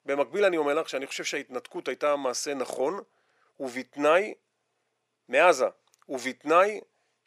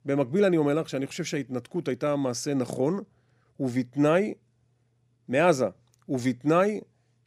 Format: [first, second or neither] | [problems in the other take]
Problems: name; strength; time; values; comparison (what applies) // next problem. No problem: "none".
second | thin; somewhat; fading below 550 Hz